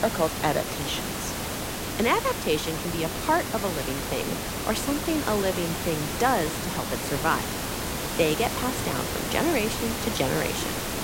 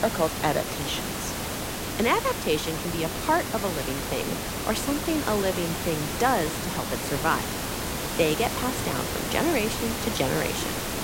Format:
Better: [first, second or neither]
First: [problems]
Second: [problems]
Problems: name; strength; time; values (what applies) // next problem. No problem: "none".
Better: neither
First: hiss; loud; throughout; 2 dB below the speech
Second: hiss; loud; throughout; 2 dB below the speech